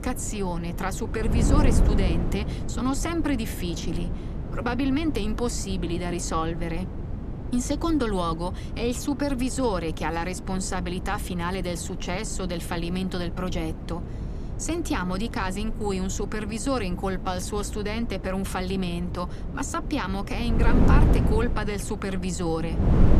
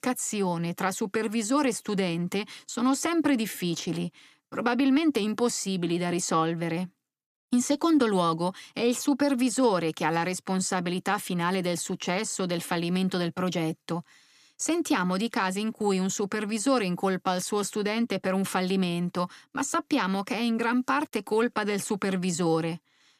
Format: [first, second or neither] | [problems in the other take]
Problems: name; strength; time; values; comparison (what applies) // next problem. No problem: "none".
second | wind noise on the microphone; heavy; 8 dB below the speech